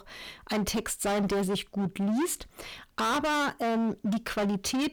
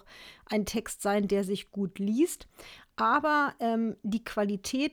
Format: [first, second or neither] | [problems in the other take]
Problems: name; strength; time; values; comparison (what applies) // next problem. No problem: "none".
second | distortion; heavy; 26% of the sound clipped